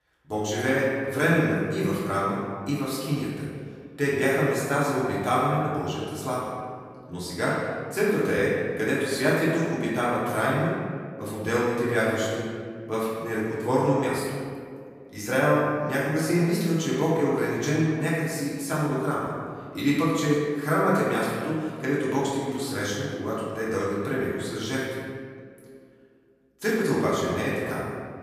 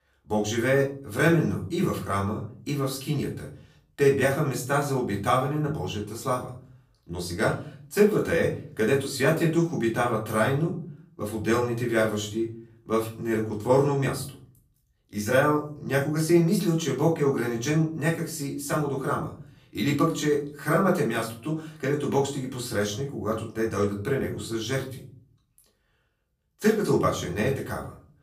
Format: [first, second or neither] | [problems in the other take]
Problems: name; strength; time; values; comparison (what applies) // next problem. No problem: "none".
second | room echo; strong; dies away in 1.7 s; slight in the second // off-mic speech; far; far in the second